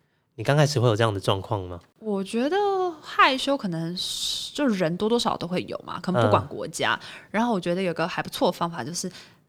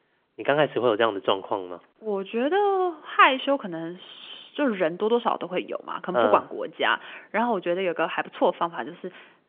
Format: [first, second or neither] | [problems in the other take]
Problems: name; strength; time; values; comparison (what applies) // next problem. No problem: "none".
first | phone-call audio; nothing above 3.5 kHz